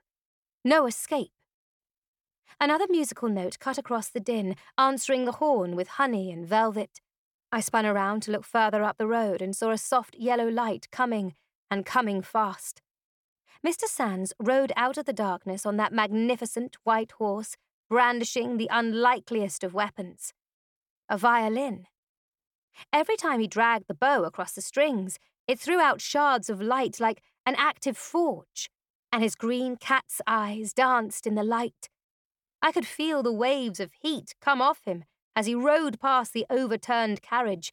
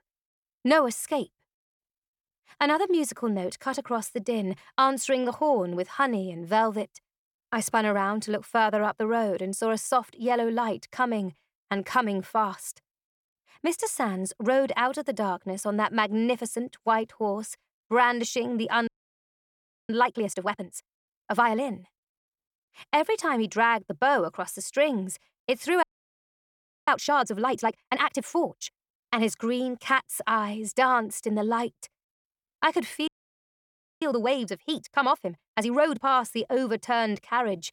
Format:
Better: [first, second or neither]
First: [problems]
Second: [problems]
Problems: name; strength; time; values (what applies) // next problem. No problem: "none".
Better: first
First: none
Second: audio freezing; at 19 s for 1 s, at 26 s for 1 s and at 33 s for 1 s